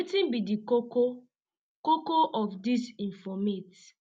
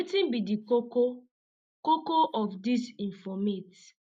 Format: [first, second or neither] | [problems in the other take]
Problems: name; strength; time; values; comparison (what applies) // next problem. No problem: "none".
first | noise reduction (neural mask model Resemble Enhance denoiser)